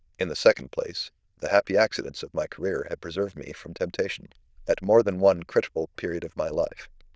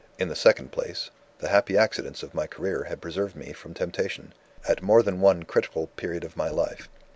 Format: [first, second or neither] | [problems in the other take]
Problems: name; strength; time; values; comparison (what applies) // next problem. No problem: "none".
second | noise reduction (neural diffusion model UNIVERSE++)